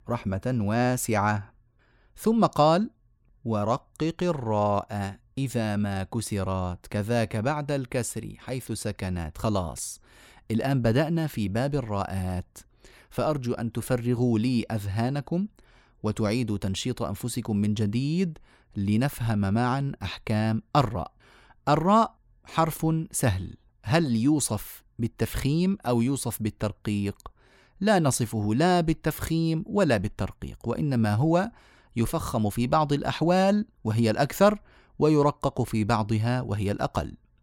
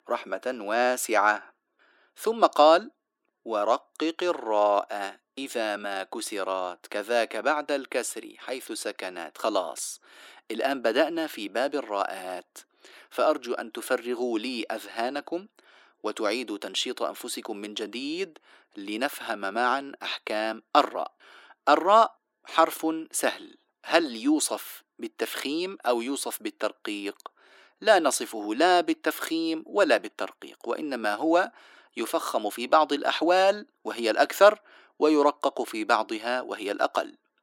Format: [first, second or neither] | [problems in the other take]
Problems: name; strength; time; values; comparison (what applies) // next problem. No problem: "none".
first | thin; very; fading below 300 Hz